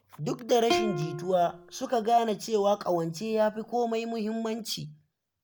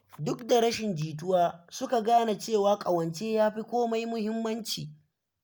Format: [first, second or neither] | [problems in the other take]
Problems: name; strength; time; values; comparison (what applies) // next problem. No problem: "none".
second | background sound (Plucked string instrument); 8 dB below the speech